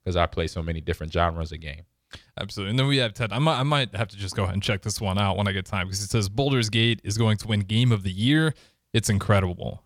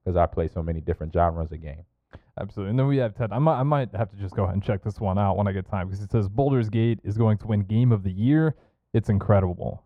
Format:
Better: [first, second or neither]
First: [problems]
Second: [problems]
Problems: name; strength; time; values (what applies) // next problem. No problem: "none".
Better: first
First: none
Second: muffled; very; fading above 2 kHz